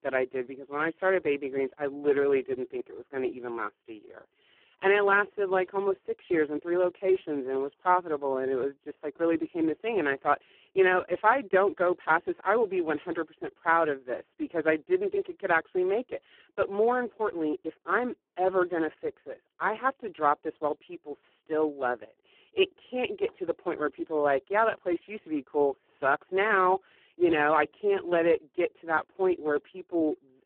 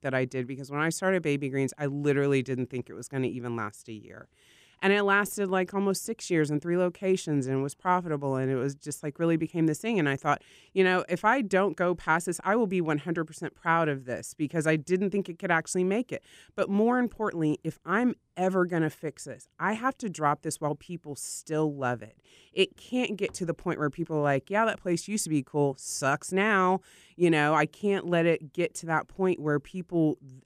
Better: second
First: phone-call audio; poor line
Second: none

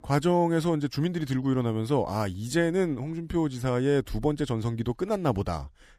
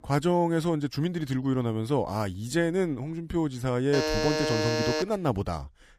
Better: first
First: none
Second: alarm; loud; from 4 to 5 s; peak 1 dB above the speech

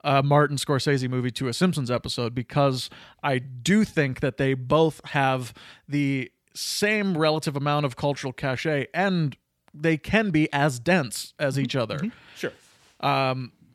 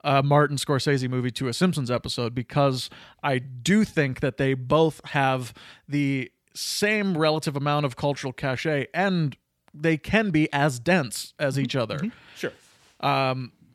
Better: neither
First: none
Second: none

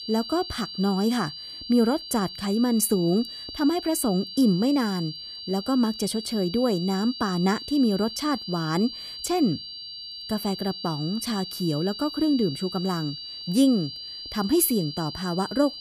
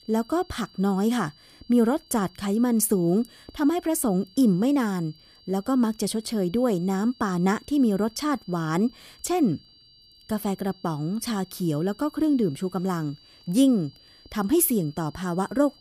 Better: second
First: high-pitched whine; loud; throughout; 4.5 kHz, 10 dB below the speech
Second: high-pitched whine; faint; throughout; 4.5 kHz, 25 dB below the speech

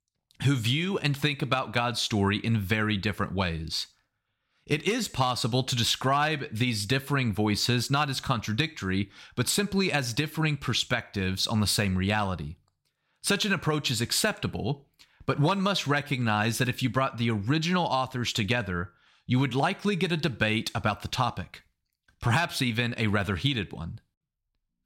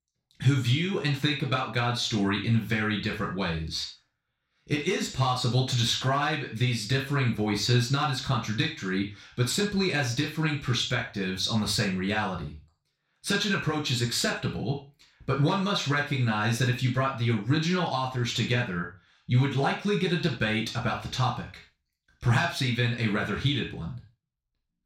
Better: first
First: none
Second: room echo; noticeable; dies away in 0.3 s // off-mic speech; far

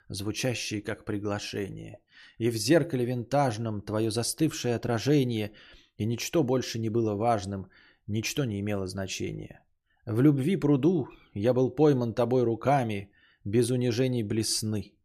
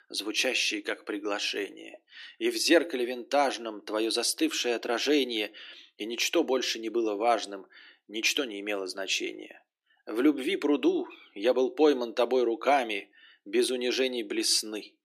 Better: first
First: none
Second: thin; somewhat; fading below 300 Hz

